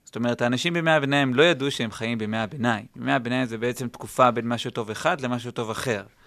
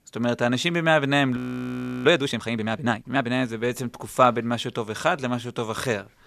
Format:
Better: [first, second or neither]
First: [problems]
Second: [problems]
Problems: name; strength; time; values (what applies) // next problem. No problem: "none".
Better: first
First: none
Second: audio freezing; at 1.5 s for 0.5 s